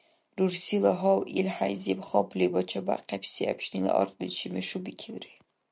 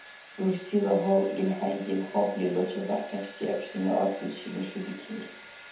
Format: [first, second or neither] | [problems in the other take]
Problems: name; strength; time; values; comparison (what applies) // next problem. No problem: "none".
first | background sound (Domestic sounds, home sounds); 19 dB below the speech // room echo; dies away in 0.6 s